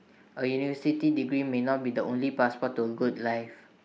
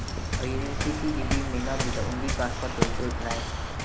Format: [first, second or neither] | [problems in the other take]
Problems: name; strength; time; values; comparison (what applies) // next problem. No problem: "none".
first | background sound (Waves, surf); 5 dB above the speech